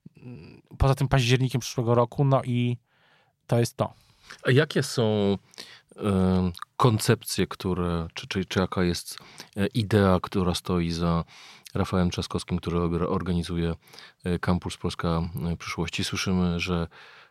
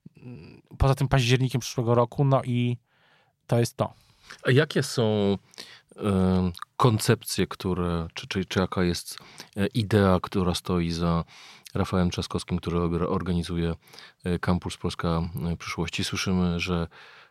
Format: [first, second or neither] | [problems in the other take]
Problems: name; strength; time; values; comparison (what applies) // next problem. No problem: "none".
neither | none